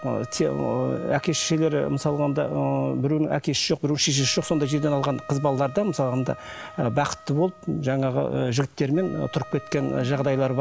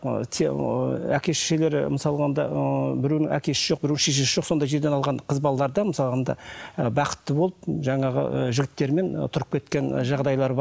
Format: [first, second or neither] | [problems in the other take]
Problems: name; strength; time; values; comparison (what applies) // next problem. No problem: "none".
second | background sound (Wind instrument, woodwind instrument); 20 dB below the speech